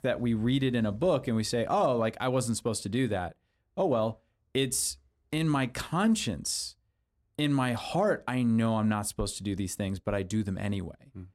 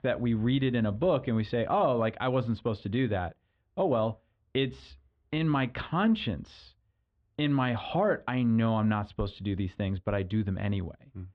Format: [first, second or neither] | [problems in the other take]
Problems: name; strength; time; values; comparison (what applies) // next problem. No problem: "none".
first | muffled; very; fading above 3.5 kHz